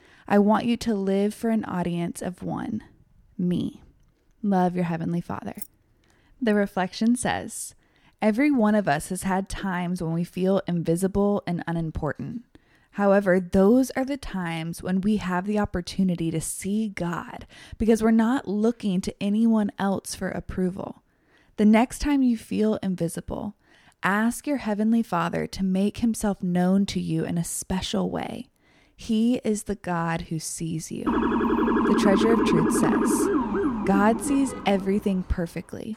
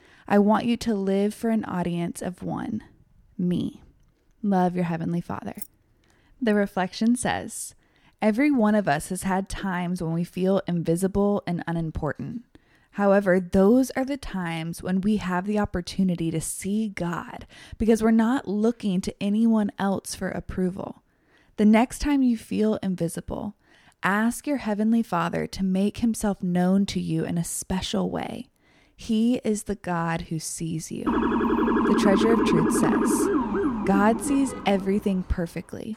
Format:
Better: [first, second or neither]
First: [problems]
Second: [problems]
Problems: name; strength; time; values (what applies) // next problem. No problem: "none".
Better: neither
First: jangling keys; faint; at 5.5 s; peak 15 dB below the speech // siren; loud; from 31 to 35 s; peak 3 dB above the speech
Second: jangling keys; faint; at 5.5 s; peak 15 dB below the speech // siren; loud; from 31 to 35 s; peak 3 dB above the speech